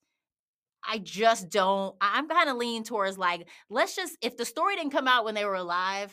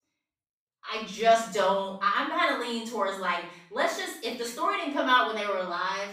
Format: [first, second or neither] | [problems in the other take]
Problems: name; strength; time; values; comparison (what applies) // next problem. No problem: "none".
first | room echo; noticeable; dies away in 0.5 s // off-mic speech; far